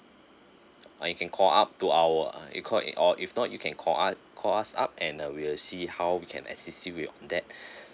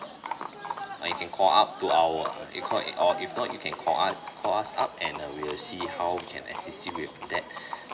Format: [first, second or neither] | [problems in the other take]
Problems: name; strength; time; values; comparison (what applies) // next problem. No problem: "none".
first | background sound (Livestock, farm animals, working animals); 9 dB below the speech // room echo; dies away in 0.7 s